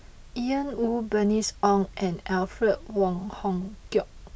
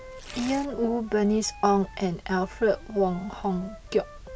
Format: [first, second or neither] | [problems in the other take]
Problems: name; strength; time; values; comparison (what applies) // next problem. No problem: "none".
first | background sound (Wind instrument, woodwind instrument + Tearing); 19 dB below the speech